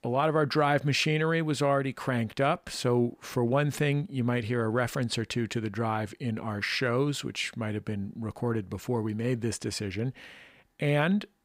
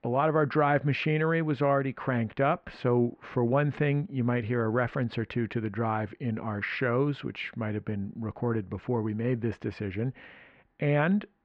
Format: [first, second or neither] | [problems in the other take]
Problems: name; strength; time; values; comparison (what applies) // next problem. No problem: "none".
first | muffled; very; fading above 2.5 kHz